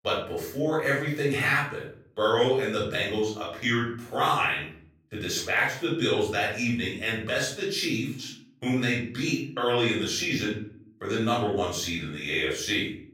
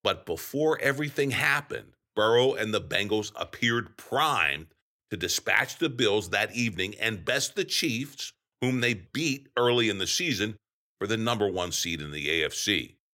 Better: second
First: off-mic speech; far // room echo; noticeable; dies away in 0.5 s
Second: none

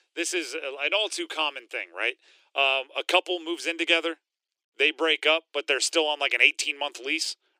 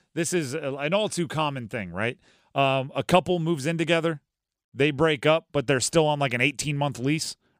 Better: second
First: thin; very; fading below 300 Hz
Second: none

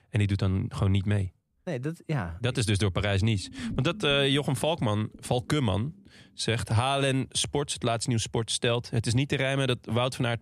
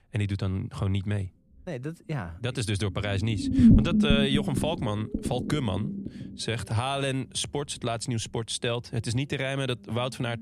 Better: first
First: low rumble; faint; throughout; 20 dB below the speech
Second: low rumble; loud; throughout; 1 dB below the speech

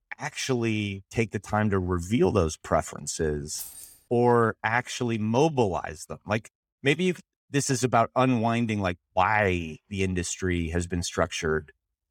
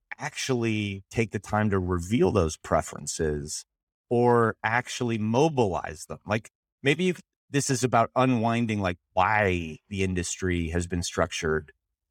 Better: second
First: jangling keys; faint; at 3.5 s; peak 10 dB below the speech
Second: none

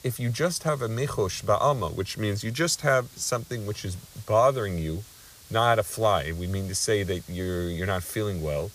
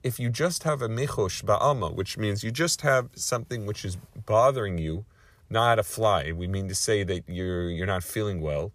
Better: second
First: hiss; faint; throughout; 20 dB below the speech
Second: none

